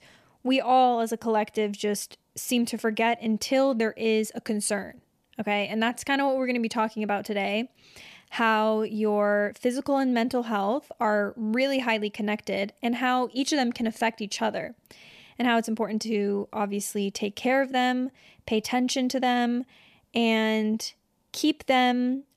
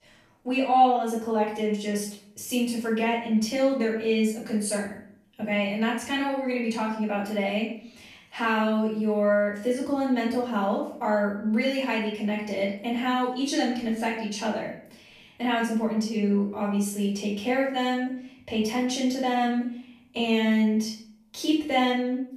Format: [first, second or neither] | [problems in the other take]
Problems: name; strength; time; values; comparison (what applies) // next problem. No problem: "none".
first | off-mic speech; far // room echo; noticeable; dies away in 0.5 s